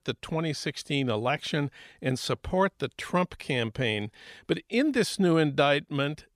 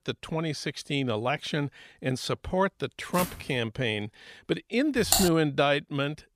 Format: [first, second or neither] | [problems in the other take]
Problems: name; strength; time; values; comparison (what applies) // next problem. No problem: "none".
first | footsteps; noticeable; at 3 s; peak 7 dB below the speech // keyboard typing; loud; at 5 s; peak 4 dB above the speech